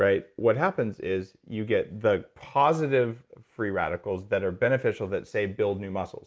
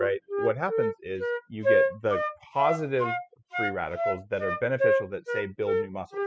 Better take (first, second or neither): first